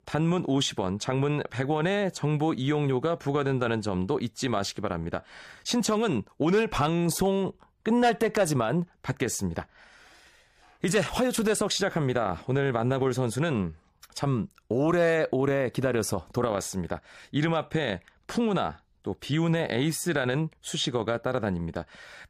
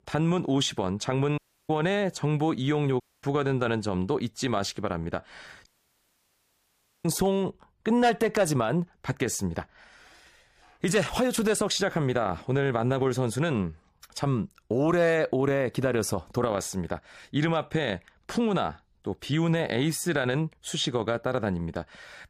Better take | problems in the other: first | audio cutting out; at 1.5 s, at 3 s and at 5.5 s for 1.5 s

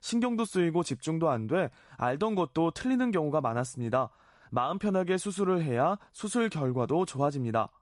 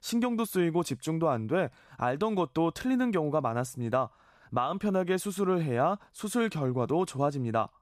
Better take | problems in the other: second | garbled, watery; slightly; nothing above 11 kHz

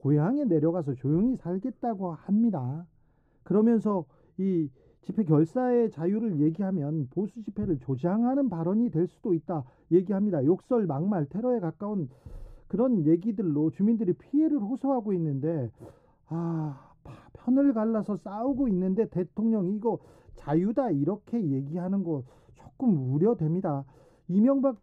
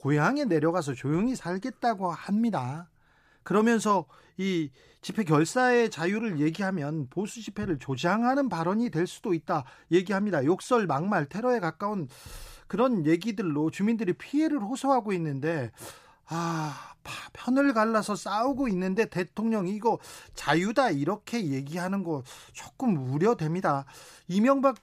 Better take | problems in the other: second | muffled; very; fading above 1 kHz

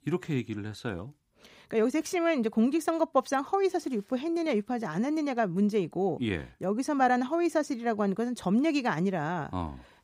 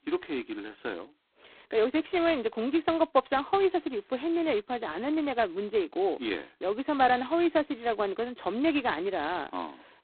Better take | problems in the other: first | phone-call audio; poor line; nothing above 4 kHz

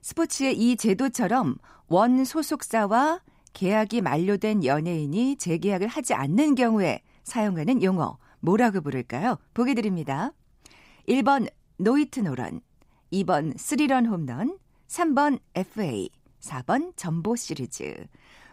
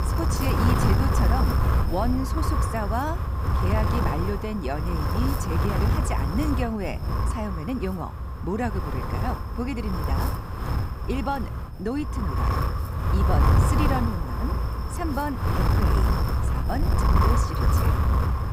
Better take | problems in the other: first | wind noise on the microphone; heavy; 2 dB above the speech

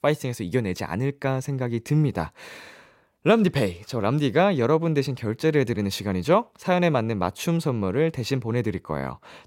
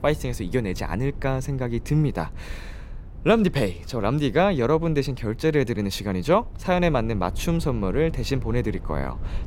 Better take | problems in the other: first | low rumble; faint; throughout; 25 dB below the speech

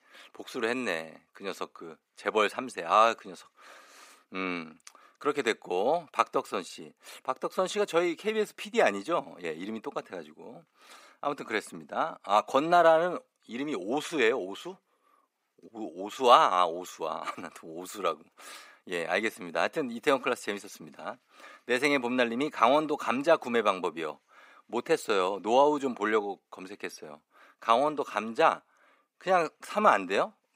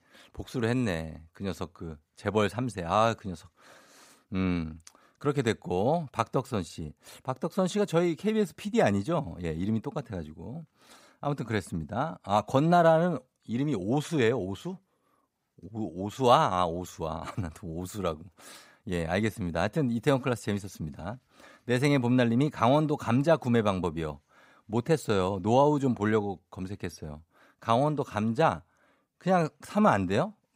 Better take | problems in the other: second | thin; somewhat; fading below 300 Hz

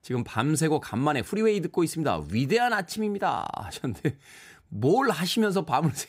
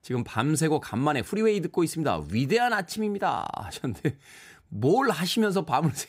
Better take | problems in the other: neither | none

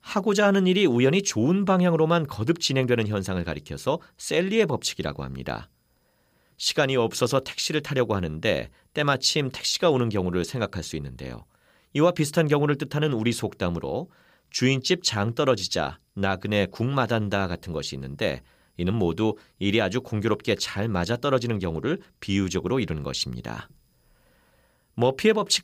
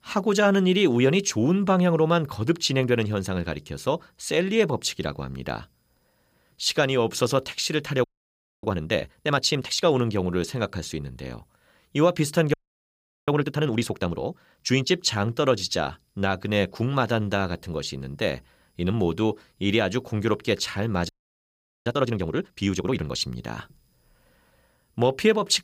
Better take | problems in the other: first | audio freezing; at 8 s for 0.5 s, at 13 s for 0.5 s and at 21 s for 1 s

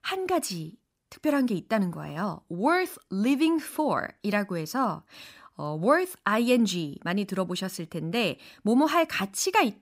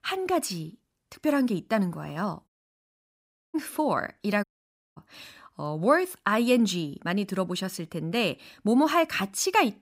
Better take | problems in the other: first | audio cutting out; at 2.5 s for 1 s and at 4.5 s for 0.5 s

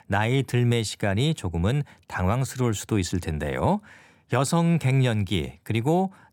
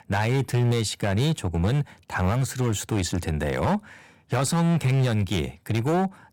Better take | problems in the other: first | distortion; slight; 12% of the sound clipped

